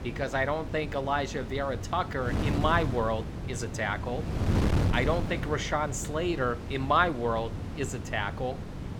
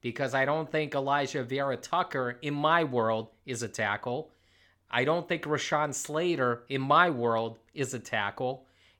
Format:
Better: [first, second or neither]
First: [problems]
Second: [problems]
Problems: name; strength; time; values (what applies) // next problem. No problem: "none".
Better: second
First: wind noise on the microphone; occasional gusts; 10 dB below the speech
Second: none